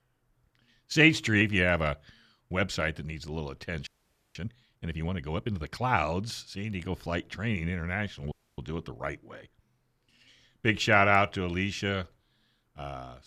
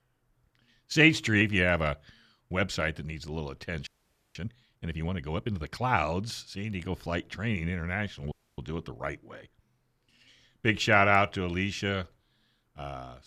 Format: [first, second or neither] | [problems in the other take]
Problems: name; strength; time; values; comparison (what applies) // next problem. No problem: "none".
neither | audio freezing; at 4 s and at 8.5 s; the same in both